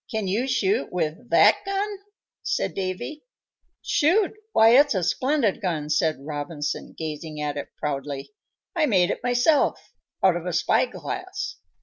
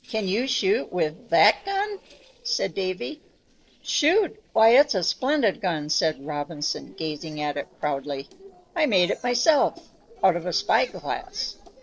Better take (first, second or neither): first